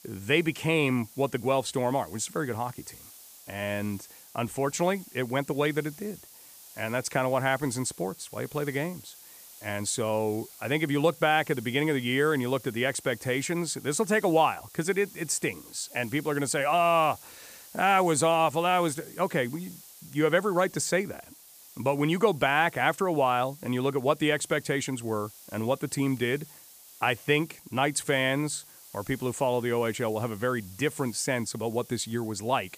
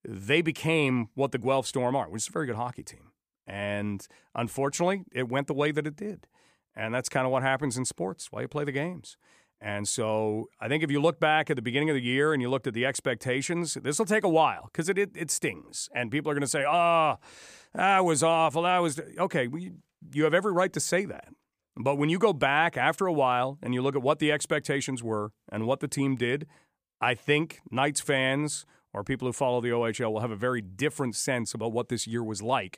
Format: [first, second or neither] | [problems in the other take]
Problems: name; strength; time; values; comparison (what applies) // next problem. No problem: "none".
second | hiss; noticeable; throughout; 20 dB below the speech